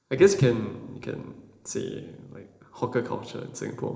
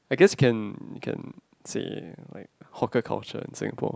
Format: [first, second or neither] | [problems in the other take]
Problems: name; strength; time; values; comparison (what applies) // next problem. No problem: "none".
second | noise reduction (neural separator model SepFormer DNS4)